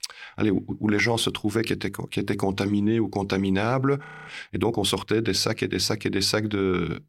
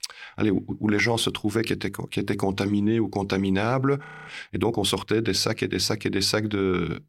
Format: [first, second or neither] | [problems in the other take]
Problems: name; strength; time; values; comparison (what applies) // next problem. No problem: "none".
neither | audio freezing; at 4 s; the same in both